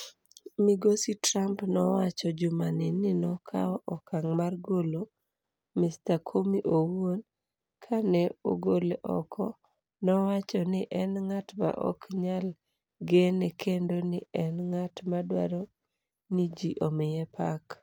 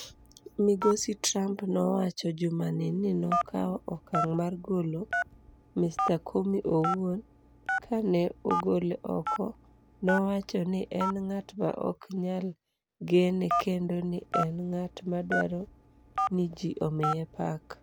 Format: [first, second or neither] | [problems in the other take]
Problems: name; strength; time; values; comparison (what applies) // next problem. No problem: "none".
first | background sound (Telephone); 7 dB below the speech